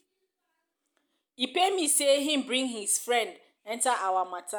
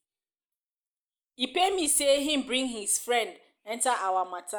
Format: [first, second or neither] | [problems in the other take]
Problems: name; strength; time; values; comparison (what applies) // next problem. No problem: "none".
first | noise reduction (neural mask model Resemble Enhance denoiser)